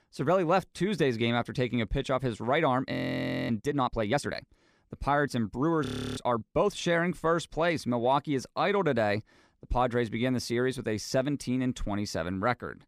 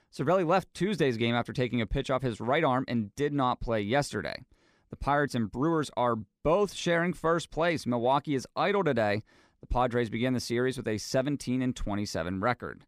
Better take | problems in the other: second | audio freezing; at 3 s for 0.5 s and at 6 s

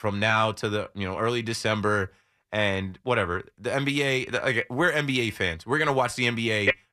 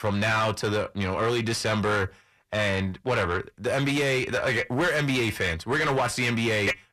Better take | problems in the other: first | distortion; heavy; 7 dB below the speech

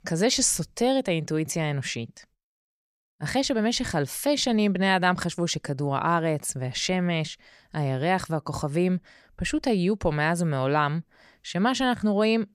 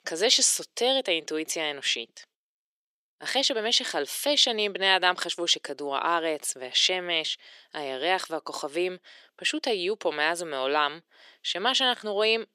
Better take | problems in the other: first | thin; somewhat; fading below 350 Hz

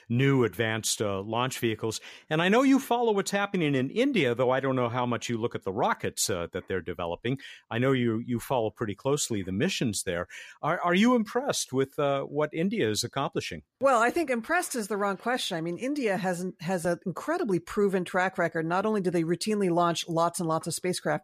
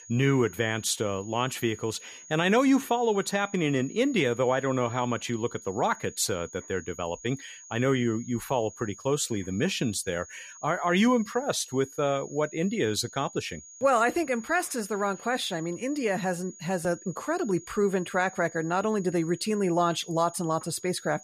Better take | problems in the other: first | high-pitched whine; noticeable; throughout; 6.5 kHz, 20 dB below the speech

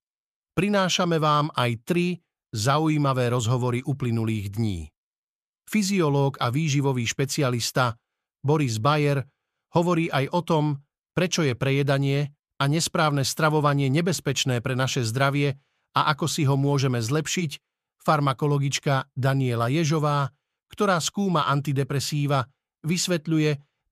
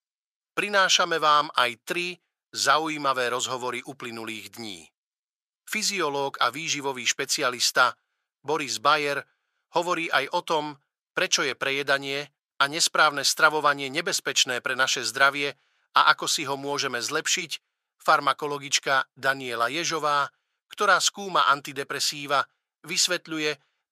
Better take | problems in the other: first | thin; very; fading below 500 Hz

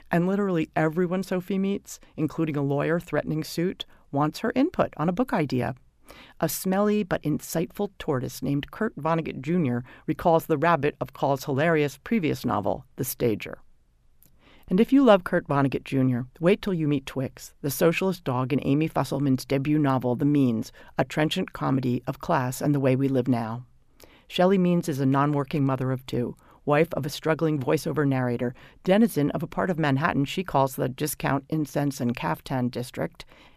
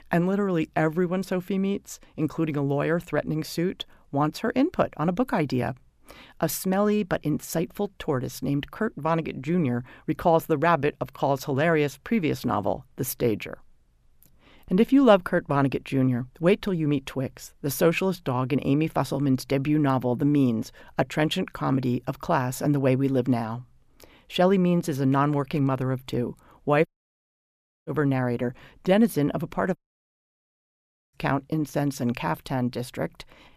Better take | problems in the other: first | audio cutting out; at 27 s for 1 s and at 30 s for 1.5 s

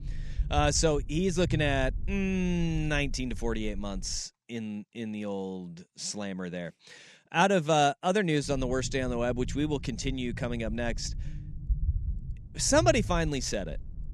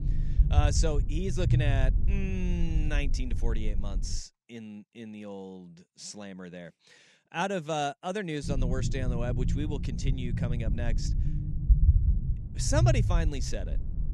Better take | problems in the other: first | low rumble; loud; until 4 s and from 8.5 s on; 9 dB below the speech; faint in the first

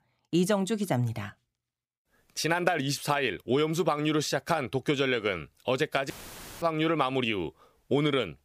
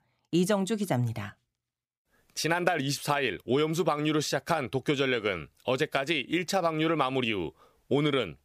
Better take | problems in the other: second | audio cutting out; filled with static; at 6 s for 0.5 s

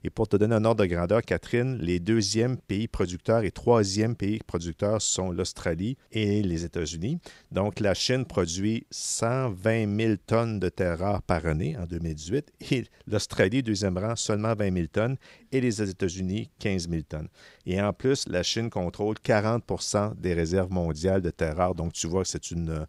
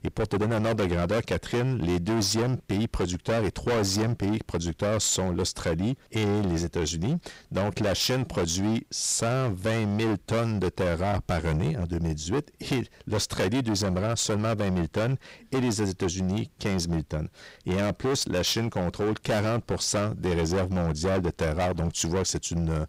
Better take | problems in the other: first | distortion; heavy; 22% of the sound clipped

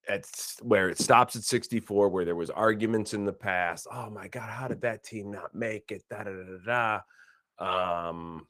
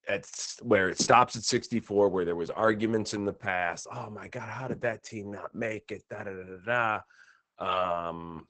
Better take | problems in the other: first | garbled, watery; badly; nothing above 8 kHz; slightly in the first

